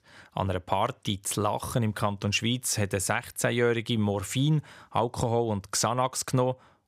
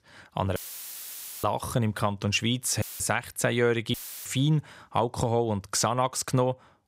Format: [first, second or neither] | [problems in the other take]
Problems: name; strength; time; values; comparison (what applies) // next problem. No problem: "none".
first | audio cutting out; filled with static; at 0.5 s for 1 s, at 3 s and at 4 s